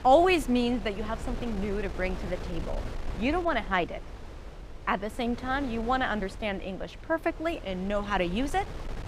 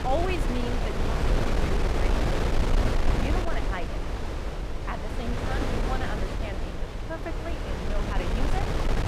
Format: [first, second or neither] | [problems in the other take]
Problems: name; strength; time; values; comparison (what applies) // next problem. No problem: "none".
first | wind noise on the microphone; heavy; 3 dB above the speech; occasional gusts in the first